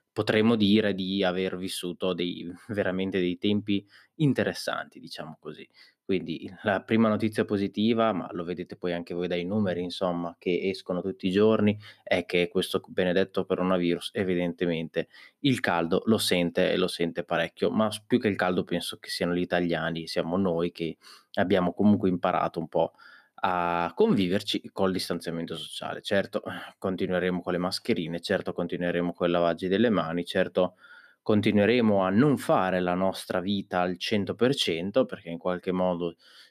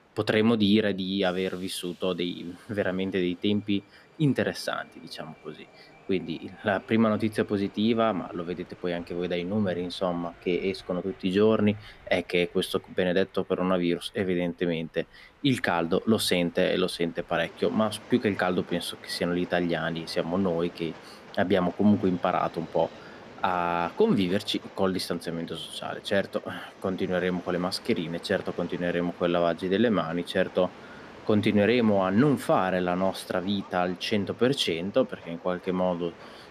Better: first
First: none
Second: train or aircraft noise; faint; throughout; 20 dB below the speech

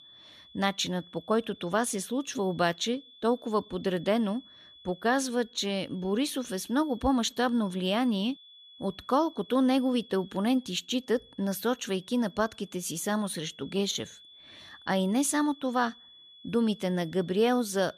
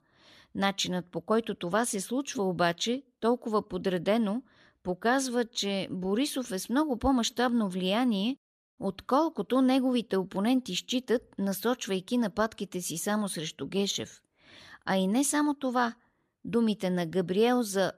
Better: second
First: high-pitched whine; faint; throughout; 3.5 kHz, 20 dB below the speech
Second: none

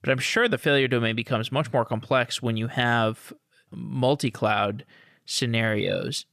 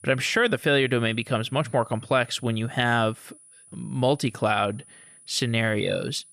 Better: first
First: none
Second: high-pitched whine; faint; throughout; 10 kHz, 25 dB below the speech

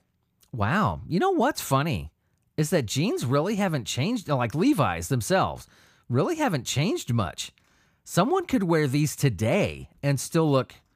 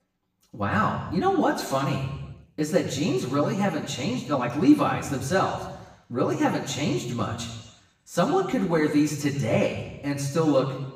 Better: first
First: none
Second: room echo; noticeable; dies away in 1 s // off-mic speech; far

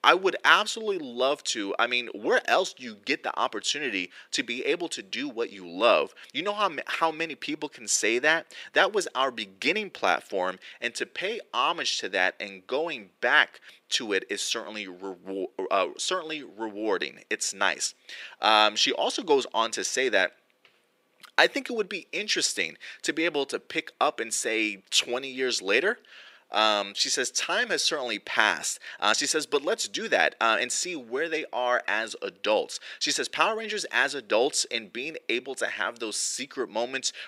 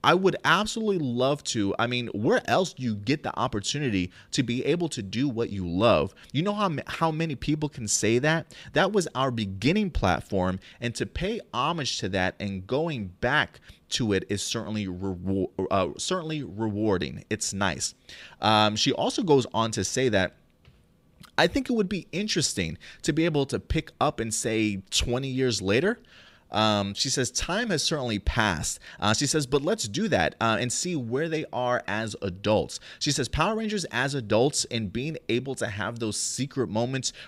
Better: second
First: thin; somewhat; fading below 350 Hz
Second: none

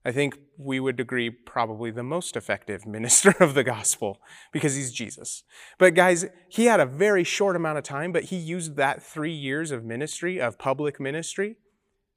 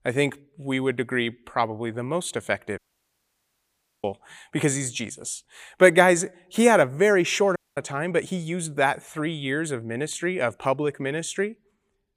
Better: first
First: none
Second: audio cutting out; at 3 s for 1.5 s and at 7.5 s

